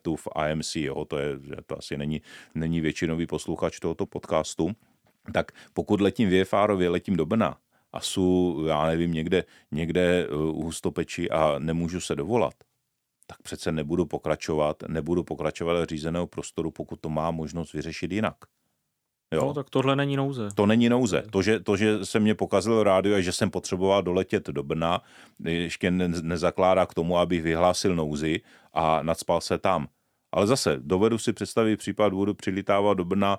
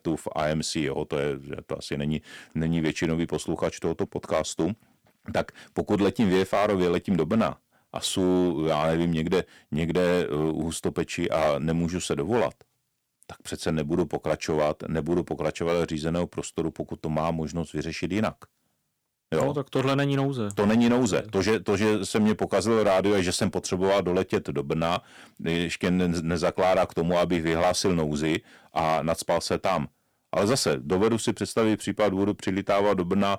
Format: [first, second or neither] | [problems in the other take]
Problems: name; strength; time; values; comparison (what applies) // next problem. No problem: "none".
first | distortion; slight; 6% of the sound clipped